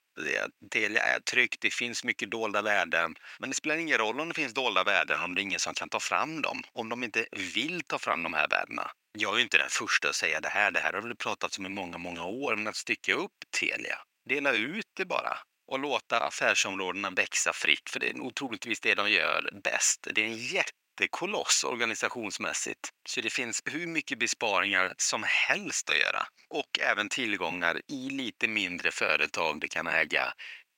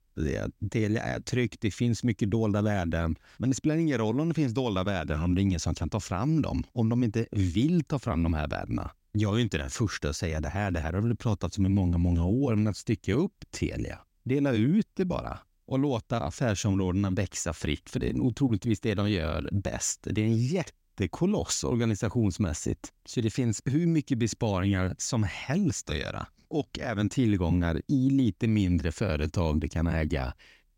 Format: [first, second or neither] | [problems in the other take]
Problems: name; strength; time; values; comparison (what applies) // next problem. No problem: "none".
second | thin; very; fading below 600 Hz